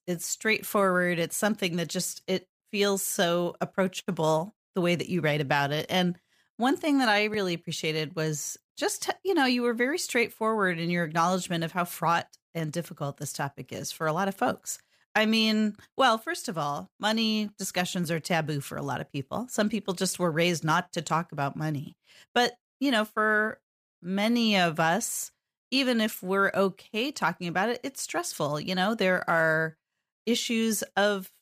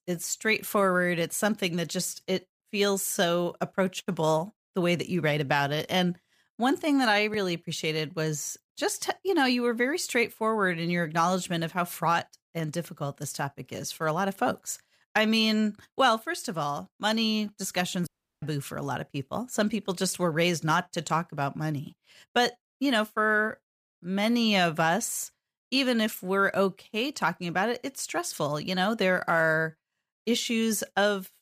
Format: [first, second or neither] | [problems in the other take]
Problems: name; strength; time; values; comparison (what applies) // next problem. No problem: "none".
first | audio cutting out; at 18 s